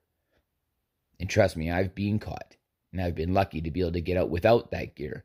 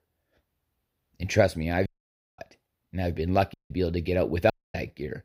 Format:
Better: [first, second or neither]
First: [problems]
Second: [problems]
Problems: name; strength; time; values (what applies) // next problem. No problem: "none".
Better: first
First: none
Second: audio cutting out; at 2 s for 0.5 s, at 3.5 s and at 4.5 s